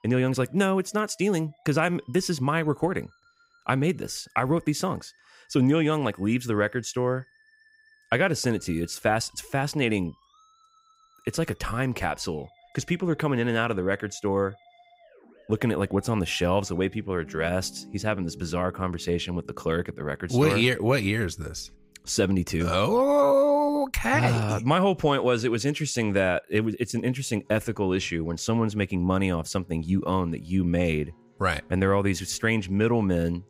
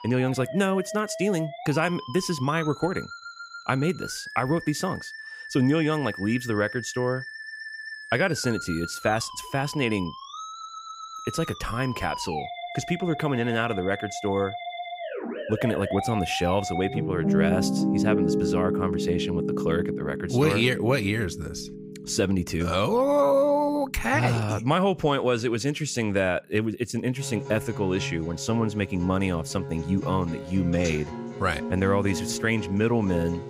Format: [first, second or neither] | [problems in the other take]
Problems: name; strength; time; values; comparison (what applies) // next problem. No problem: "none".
first | background music; loud; throughout; 7 dB below the speech; faint in the first